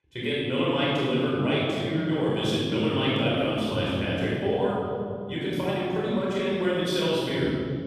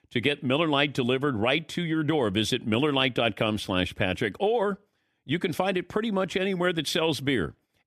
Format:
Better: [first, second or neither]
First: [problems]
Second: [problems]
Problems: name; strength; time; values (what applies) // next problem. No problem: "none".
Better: second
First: off-mic speech; far // room echo; strong; dies away in 3 s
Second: none